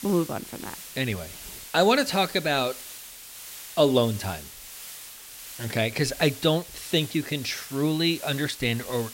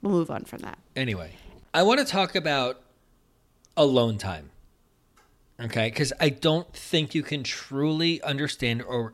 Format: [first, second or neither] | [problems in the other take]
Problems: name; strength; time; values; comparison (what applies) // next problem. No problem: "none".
second | hiss; noticeable; throughout; 15 dB below the speech